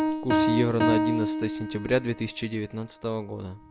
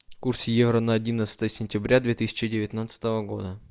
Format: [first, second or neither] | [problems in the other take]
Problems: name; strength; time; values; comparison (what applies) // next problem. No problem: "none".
second | background sound (Piano); 1 dB above the speech